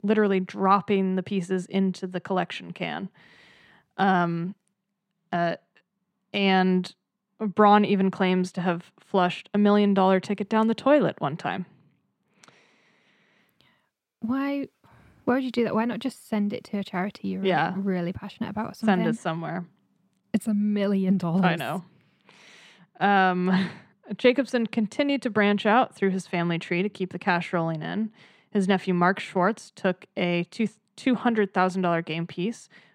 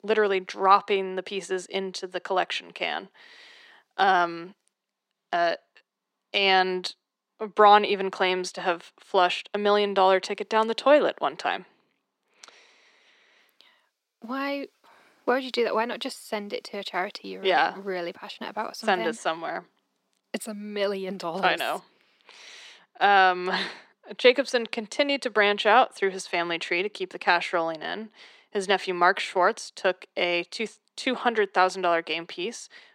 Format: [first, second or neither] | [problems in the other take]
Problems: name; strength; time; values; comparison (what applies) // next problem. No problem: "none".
first | thin; somewhat; fading below 350 Hz